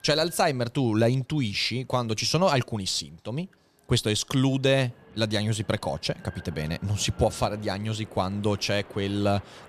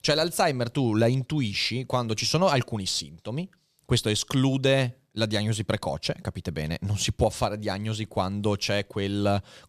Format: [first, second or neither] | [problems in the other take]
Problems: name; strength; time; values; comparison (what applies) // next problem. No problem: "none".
second | train or aircraft noise; faint; throughout; 20 dB below the speech